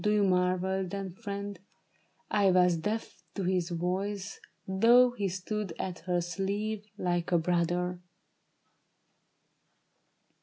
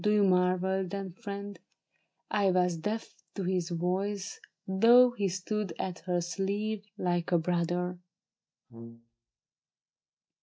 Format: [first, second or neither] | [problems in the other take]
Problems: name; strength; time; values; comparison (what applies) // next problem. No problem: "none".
first | noise reduction (neural mask model DeepFilterNet 3)